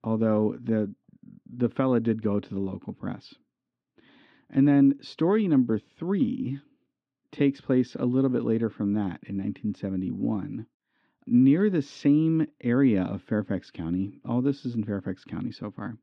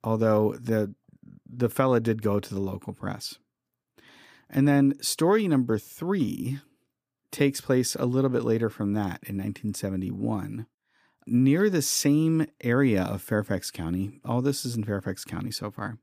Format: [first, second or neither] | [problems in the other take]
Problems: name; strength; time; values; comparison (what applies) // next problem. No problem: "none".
second | muffled; slightly; fading above 3.5 kHz